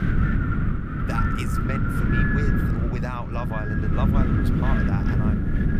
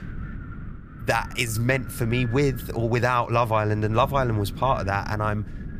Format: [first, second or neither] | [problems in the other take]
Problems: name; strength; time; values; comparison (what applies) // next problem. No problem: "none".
second | wind noise on the microphone; heavy; 5 dB above the speech; occasional gusts in the second